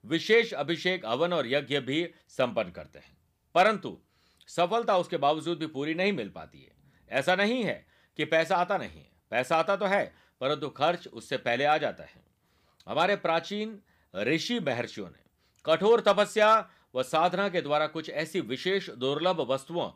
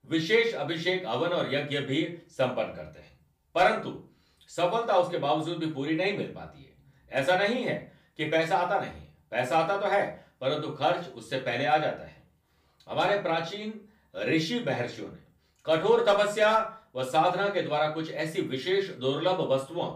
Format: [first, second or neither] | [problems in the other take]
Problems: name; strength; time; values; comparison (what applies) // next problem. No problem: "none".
first | room echo; slight; dies away in 0.3 s // off-mic speech; far